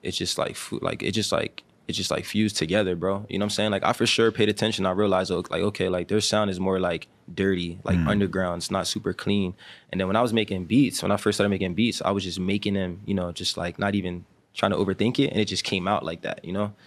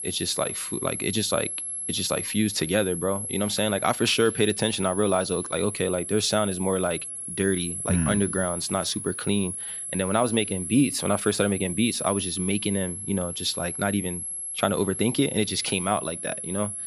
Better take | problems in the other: first | high-pitched whine; loud; throughout; 11 kHz, 5 dB below the speech

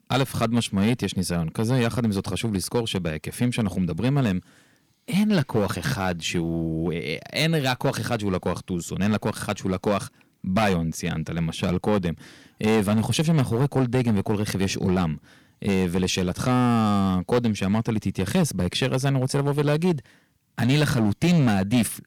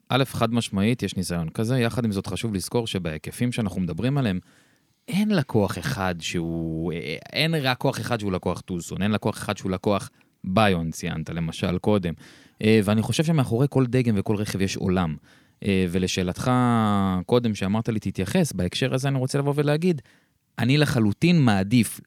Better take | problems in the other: second | distortion; slight; 6% of the sound clipped

